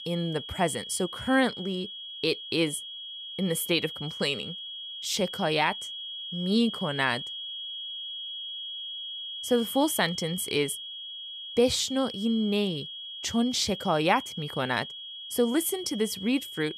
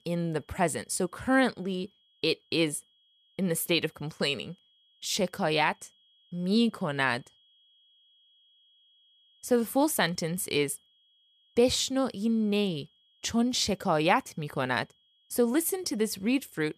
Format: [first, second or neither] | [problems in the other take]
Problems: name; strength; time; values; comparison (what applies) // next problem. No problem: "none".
second | high-pitched whine; loud; throughout; 3.5 kHz, 8 dB below the speech; faint in the second